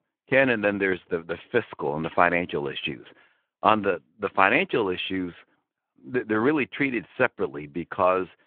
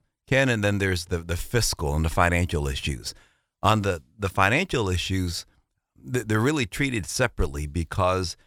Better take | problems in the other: second | phone-call audio

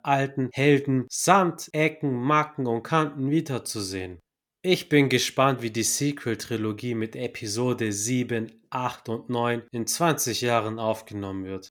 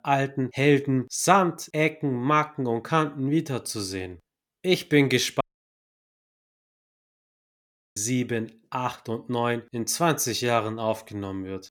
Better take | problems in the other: first | audio cutting out; at 5.5 s for 2.5 s

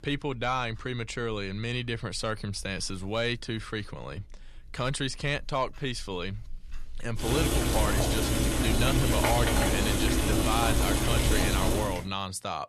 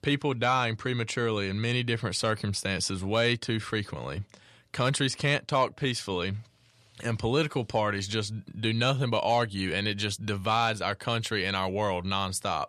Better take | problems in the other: second | household noises; very loud; throughout; 5 dB above the speech

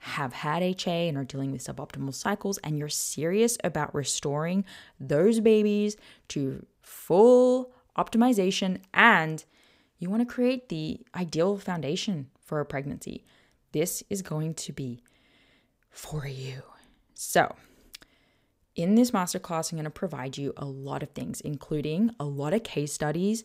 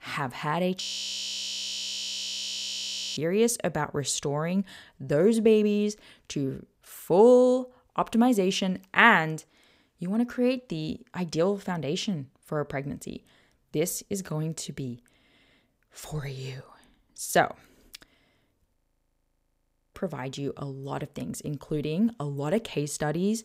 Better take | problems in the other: first | audio freezing; at 1 s for 2.5 s and at 19 s for 1 s

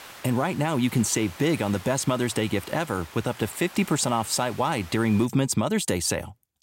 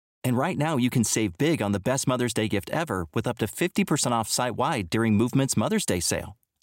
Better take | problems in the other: second | hiss; noticeable; until 5.5 s; 20 dB below the speech

